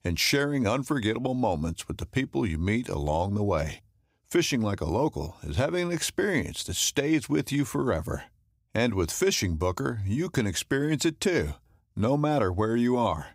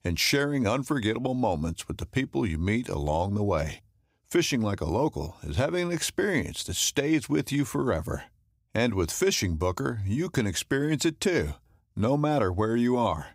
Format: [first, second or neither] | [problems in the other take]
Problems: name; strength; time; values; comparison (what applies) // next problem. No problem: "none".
neither | none